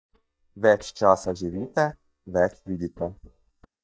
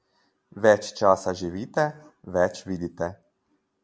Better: second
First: noise reduction (neural mask model DeepFilterNet 3)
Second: none

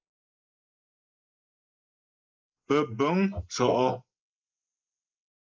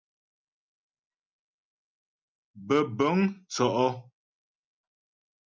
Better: second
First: noise reduction (neural mask model Resemble Enhance denoiser)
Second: none

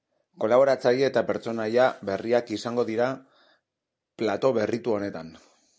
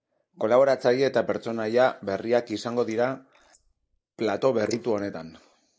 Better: first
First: none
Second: noise reduction (neural mask model Resemble Enhance denoiser)

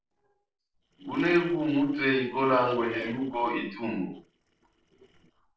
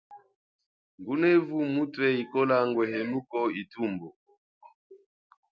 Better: second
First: noise reduction (neural separator model SepFormer DNS4)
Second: none

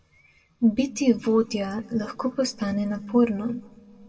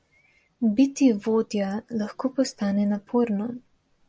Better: second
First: room echo; dies away in 1.5 s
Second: none

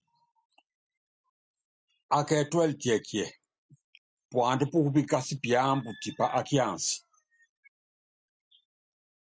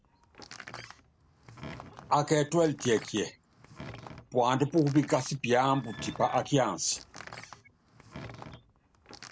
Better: first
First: none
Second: background sound (Door); 17 dB below the speech

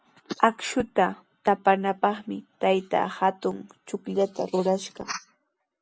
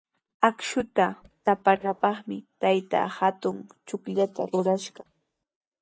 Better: first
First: none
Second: noise reduction (neural mask model DeepFilterNet 3)

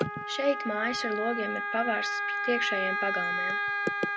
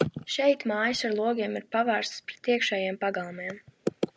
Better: second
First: background sound (Wind instrument, woodwind instrument); 1 dB above the speech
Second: none

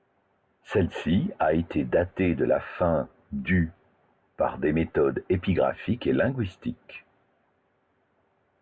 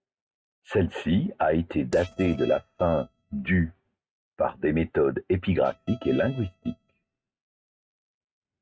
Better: first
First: none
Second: noise reduction (neural mask model RNNoise)

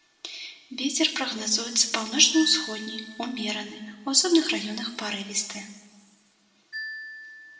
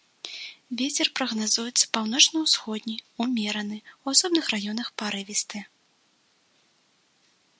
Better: second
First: background sound (Marimba, xylophone); 17 dB below the speech // room echo; dies away in 1.3 s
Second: none

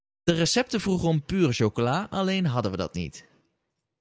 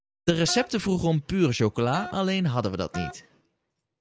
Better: first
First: none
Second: background sound (Wind instrument, woodwind instrument); 14 dB below the speech

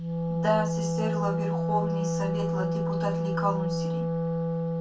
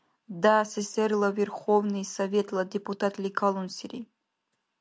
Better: second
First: background sound (Wind instrument, woodwind instrument); 5 dB above the speech // room echo; dies away in 0.2 s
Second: none

